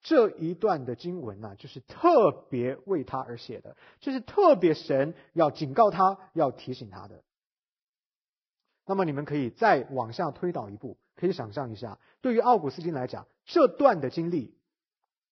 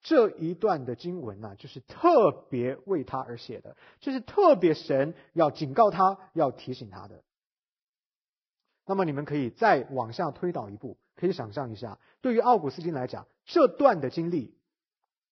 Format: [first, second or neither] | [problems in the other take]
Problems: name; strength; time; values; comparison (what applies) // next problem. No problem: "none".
neither | garbled, watery; badly; nothing above 5.5 kHz; the same in both